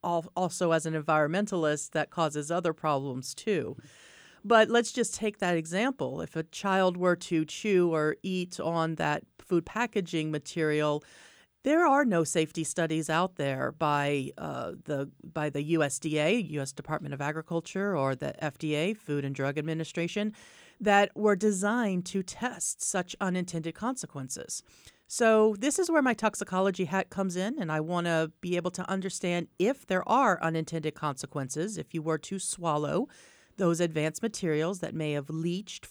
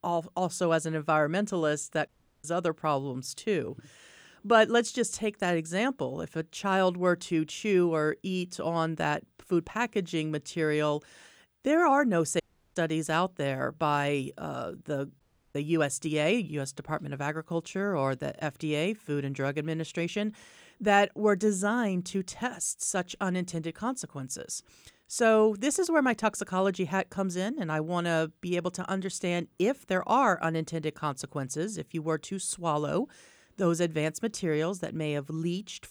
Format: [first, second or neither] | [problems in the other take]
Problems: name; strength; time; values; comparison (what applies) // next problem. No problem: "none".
first | audio cutting out; at 2 s, at 12 s and at 15 s